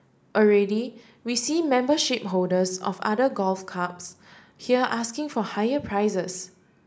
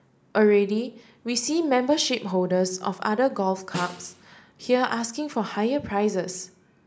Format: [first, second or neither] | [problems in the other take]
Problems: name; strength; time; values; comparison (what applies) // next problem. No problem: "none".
first | background sound (Snare drum); 17 dB below the speech